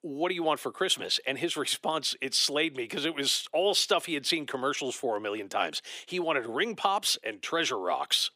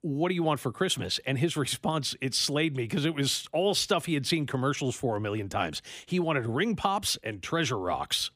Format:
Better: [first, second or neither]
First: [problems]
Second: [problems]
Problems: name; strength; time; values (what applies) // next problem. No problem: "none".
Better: second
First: thin; somewhat; fading below 450 Hz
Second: none